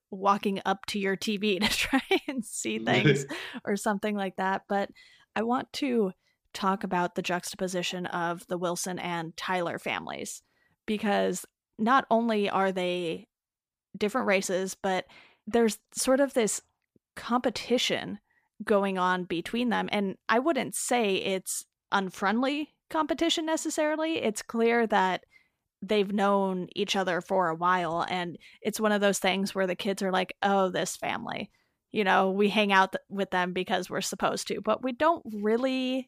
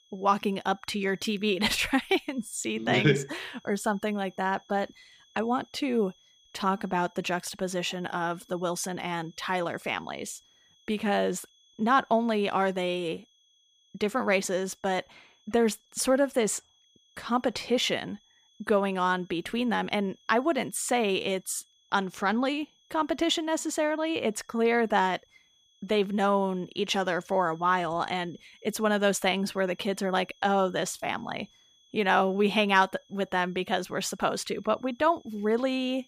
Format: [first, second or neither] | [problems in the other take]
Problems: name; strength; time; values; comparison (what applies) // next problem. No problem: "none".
first | high-pitched whine; faint; throughout; 3.5 kHz, 30 dB below the speech